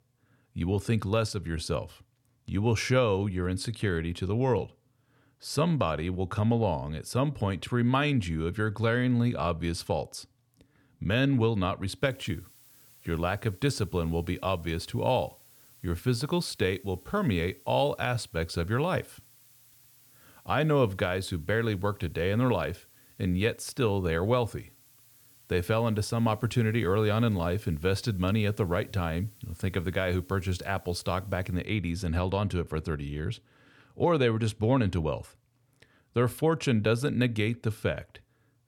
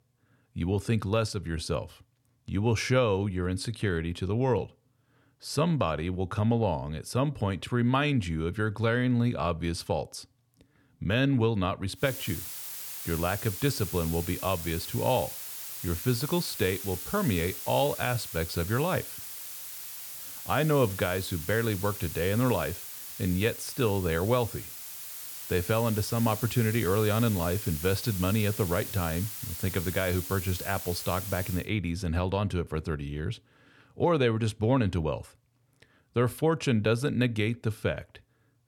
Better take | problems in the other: first | hiss; loud; from 12 to 32 s; 8 dB below the speech; faint in the first

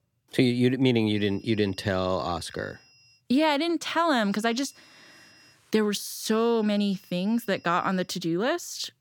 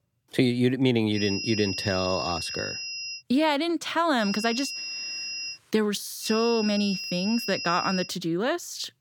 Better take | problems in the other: first | high-pitched whine; loud; from 1 to 3 s, from 4 to 5.5 s and from 6.5 to 8 s; 5 kHz, 5 dB below the speech; faint in the first

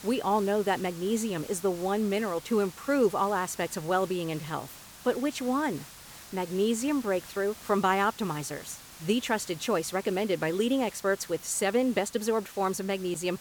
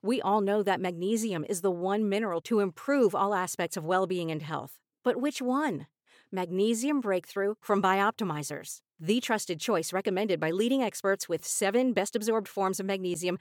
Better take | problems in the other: second | hiss; noticeable; throughout; 15 dB below the speech

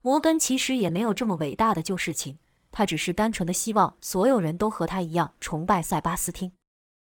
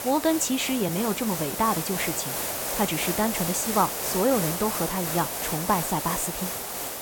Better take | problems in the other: first | hiss; loud; throughout; 2 dB below the speech

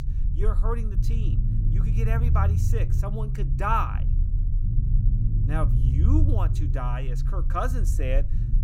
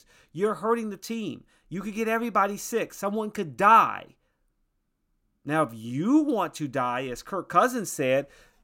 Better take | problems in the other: second | low rumble; loud; throughout; 9 dB below the speech

